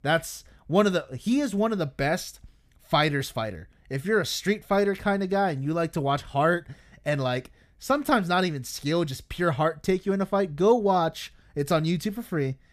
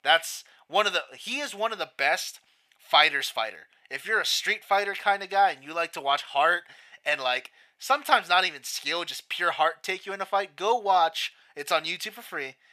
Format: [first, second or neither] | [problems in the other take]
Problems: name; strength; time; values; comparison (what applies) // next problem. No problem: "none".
first | thin; very; fading below 750 Hz